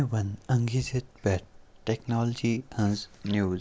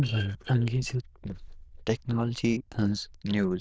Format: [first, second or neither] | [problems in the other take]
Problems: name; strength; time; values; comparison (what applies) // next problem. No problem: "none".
first | noise reduction (neural diffusion model UNIVERSE++)